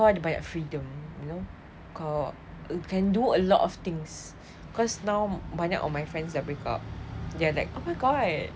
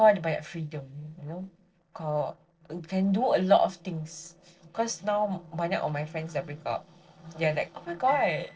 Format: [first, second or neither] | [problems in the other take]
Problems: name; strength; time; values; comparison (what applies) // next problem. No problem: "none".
first | noise reduction (neural separator model SepFormer DNS4)